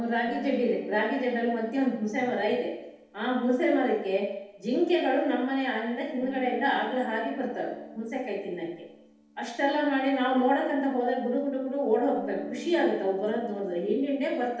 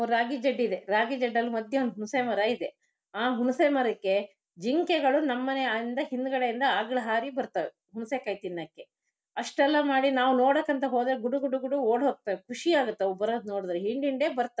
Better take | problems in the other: second | noise reduction (neural separator model SepFormer DNS4)

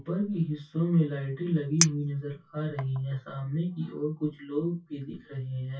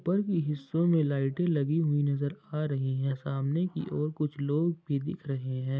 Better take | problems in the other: second | noise reduction (classical method WPE with log-MMSE)

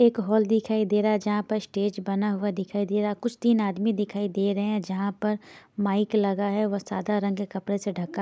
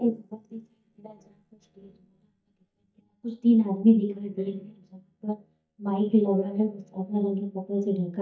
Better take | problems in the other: first | noise reduction (neural mask model DeepFilterNet 3)

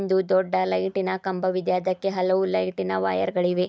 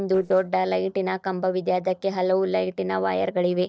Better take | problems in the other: first | noise reduction (neural separator model SepFormer DNS4)

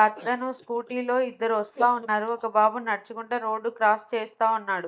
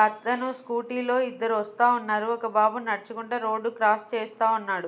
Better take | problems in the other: second | noise reduction (neural mask model DeepFilterNet 3)

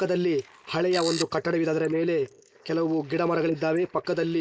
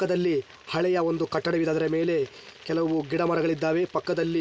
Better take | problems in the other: second | noise reduction (neural mask model Resemble Enhance denoiser)

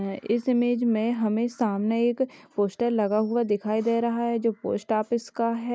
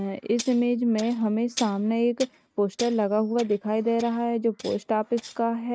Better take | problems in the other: first | noise reduction (neural mask model RNNoise)

